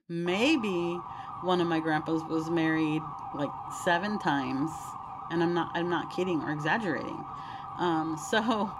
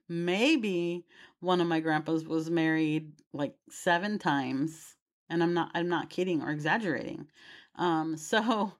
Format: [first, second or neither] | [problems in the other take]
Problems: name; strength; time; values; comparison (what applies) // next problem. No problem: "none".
second | siren; noticeable; peak 9 dB below the speech